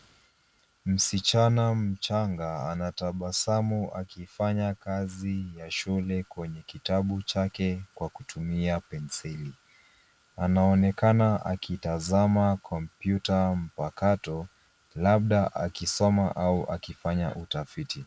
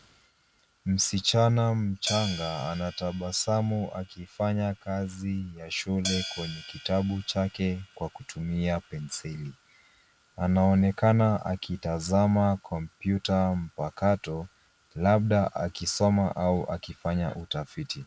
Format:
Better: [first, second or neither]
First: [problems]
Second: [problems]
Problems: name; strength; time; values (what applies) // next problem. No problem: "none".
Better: first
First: none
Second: background sound (Hi-hat); 13 dB below the speech